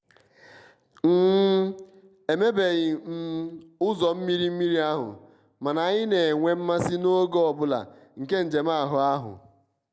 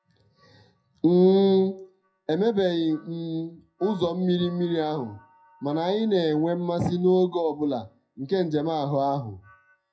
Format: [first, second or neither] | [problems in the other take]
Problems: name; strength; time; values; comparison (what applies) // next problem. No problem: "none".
first | noise reduction (classical method WPE with log-MMSE)